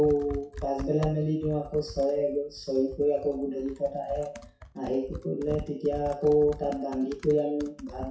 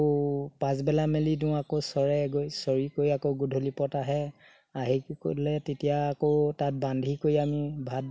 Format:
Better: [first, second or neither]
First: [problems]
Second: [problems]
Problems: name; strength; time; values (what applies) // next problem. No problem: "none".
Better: second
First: noise reduction (classical method WPE with log-MMSE)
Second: none